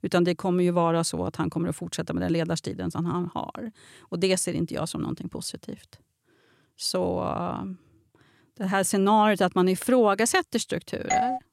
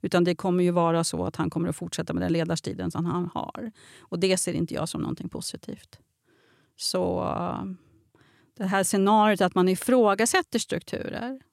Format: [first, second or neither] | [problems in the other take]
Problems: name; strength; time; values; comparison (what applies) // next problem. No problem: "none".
second | doorbell; loud; at 11 s; peak level with the speech